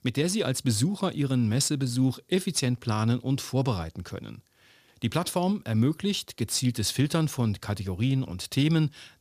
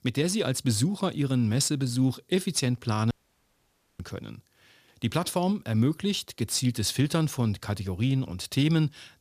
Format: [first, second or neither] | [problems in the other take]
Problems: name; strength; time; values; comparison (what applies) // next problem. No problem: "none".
first | audio cutting out; at 3 s for 1 s